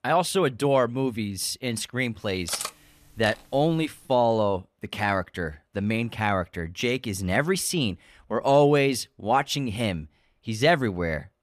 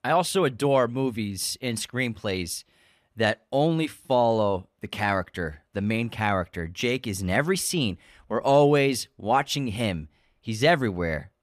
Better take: second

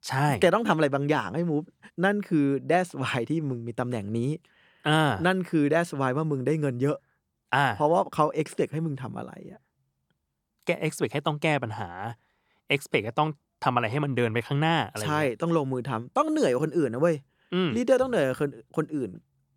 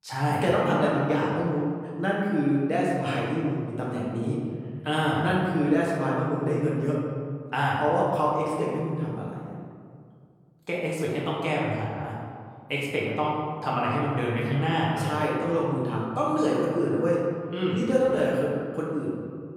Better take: first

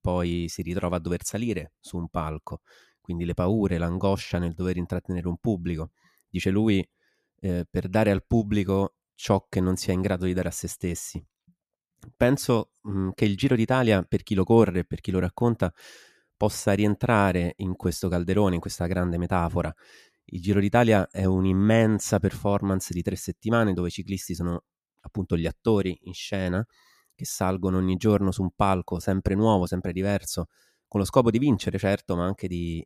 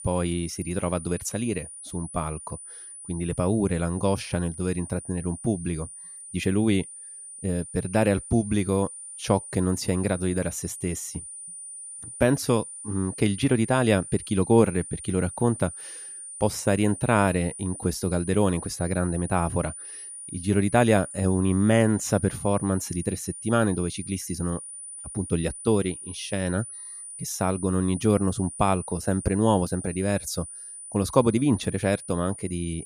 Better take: first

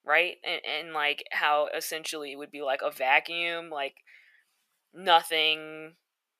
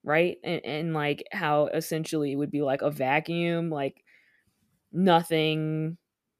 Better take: second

